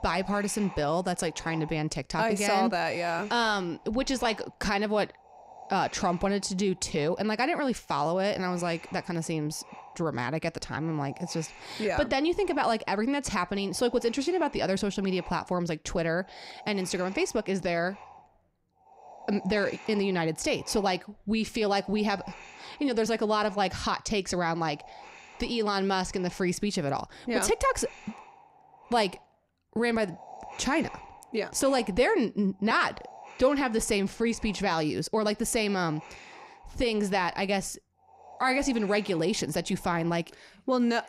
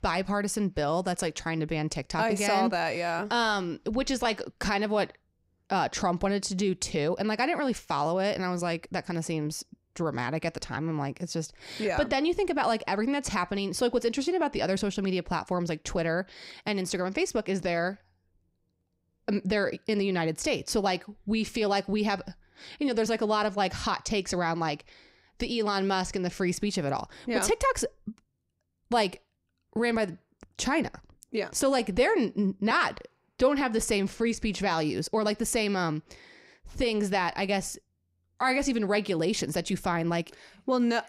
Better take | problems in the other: second | wind noise on the microphone; occasional gusts; 20 dB below the speech

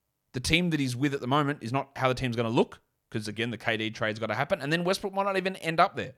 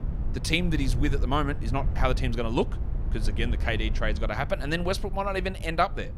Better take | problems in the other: first | low rumble; noticeable; throughout; 15 dB below the speech

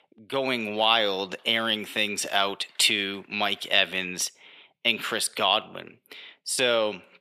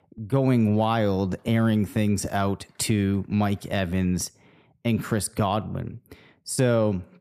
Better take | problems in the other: second | thin; very; fading below 500 Hz

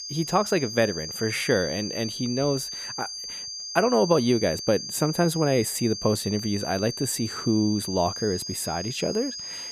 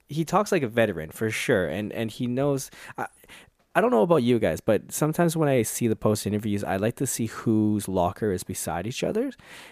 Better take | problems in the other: second | high-pitched whine; loud; throughout; 4.5 kHz, 7 dB below the speech

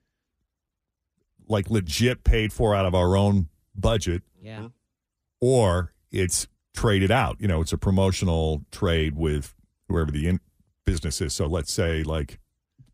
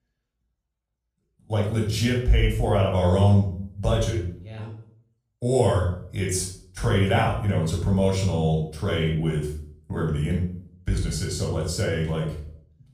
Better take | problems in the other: first | off-mic speech; far // room echo; noticeable; dies away in 0.5 s

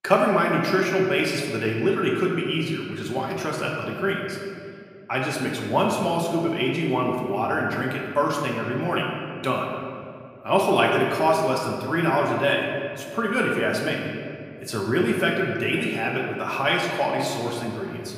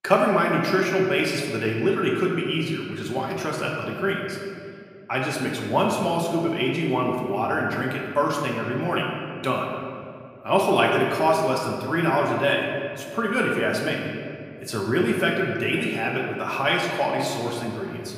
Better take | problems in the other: neither | room echo; noticeable; dies away in 1.9 s; the same in both // off-mic speech; somewhat distant; the same in both

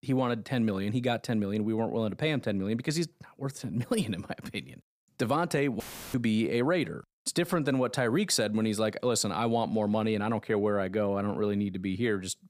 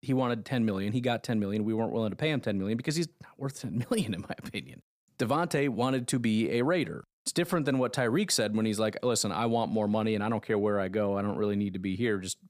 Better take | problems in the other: second | audio cutting out; filled with static; at 6 s

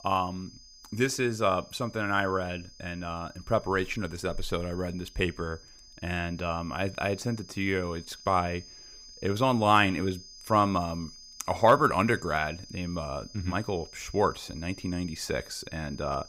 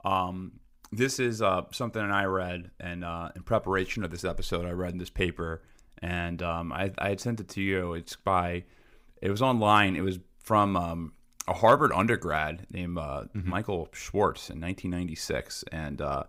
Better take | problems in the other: second | high-pitched whine; noticeable; throughout; 5 kHz, 20 dB below the speech

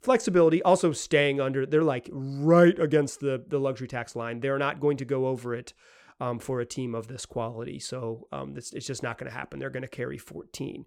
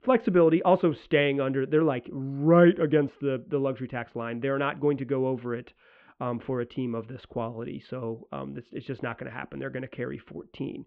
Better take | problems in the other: first | muffled; very; fading above 3 kHz

